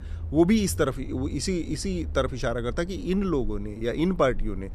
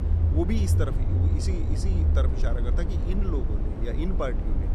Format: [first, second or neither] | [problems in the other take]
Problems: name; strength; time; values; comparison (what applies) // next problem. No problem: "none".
first | low rumble; loud; throughout; 4 dB below the speech; faint in the first